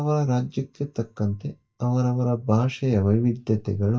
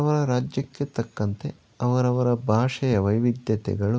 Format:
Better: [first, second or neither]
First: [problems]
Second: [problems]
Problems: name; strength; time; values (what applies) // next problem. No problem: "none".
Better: second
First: noise reduction (neural mask model DeepFilterNet 3)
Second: none